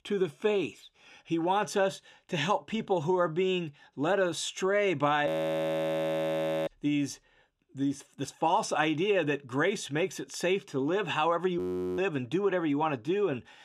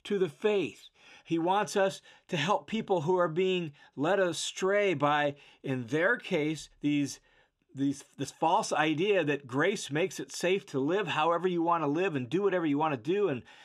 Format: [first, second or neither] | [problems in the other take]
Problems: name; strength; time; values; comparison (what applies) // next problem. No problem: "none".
second | audio freezing; at 5.5 s for 1.5 s and at 12 s